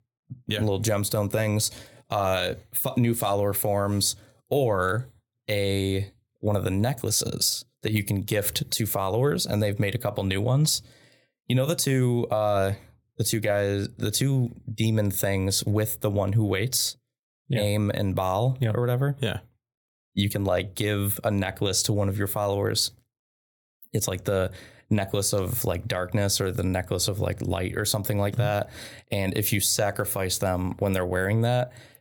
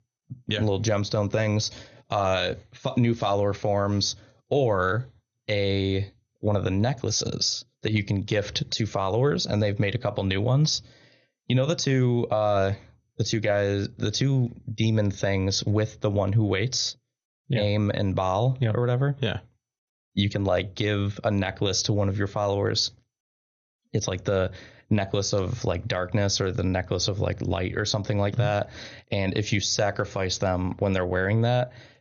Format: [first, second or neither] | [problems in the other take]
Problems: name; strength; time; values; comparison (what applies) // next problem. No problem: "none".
first | garbled, watery; slightly; nothing above 6.5 kHz